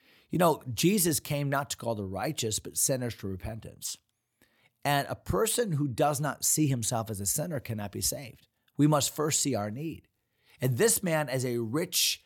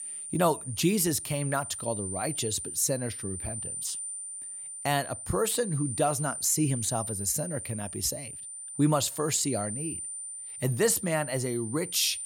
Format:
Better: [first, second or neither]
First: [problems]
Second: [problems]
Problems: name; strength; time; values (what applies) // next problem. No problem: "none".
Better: first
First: none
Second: high-pitched whine; loud; throughout; 9 kHz, 7 dB below the speech